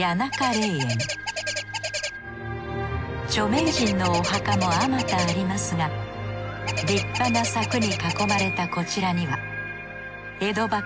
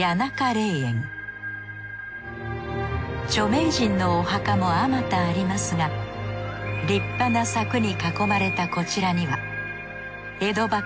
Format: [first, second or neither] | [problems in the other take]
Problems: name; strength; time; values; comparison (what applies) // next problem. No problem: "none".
second | background sound (Bird); 6 dB below the speech